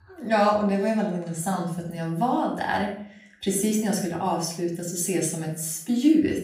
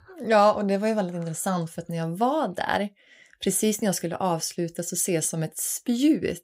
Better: second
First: off-mic speech; somewhat distant // room echo; noticeable; dies away in 0.5 s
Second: none

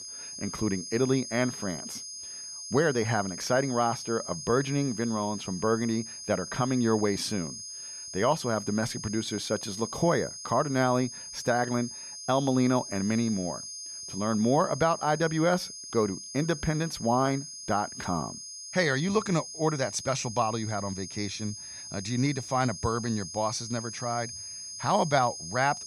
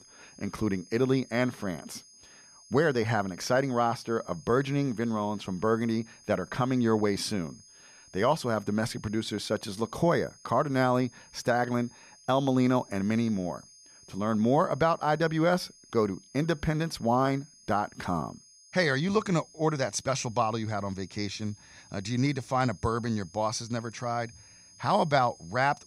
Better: second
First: high-pitched whine; loud; throughout; 6.5 kHz, 9 dB below the speech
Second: high-pitched whine; faint; throughout; 6.5 kHz, 25 dB below the speech

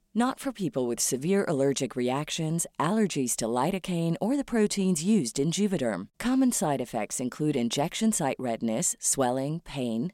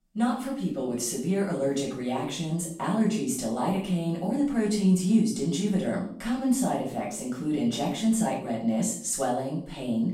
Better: first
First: none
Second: off-mic speech; far // room echo; noticeable; dies away in 0.5 s

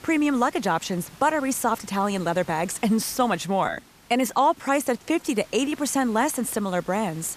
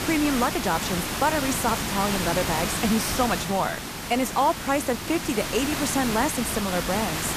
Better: first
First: hiss; faint; throughout; 25 dB below the speech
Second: hiss; loud; throughout; 3 dB below the speech

